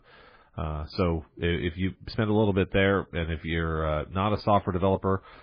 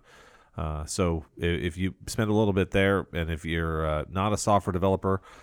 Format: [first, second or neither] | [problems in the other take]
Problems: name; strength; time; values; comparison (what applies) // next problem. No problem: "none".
second | garbled, watery; badly; nothing above 5 kHz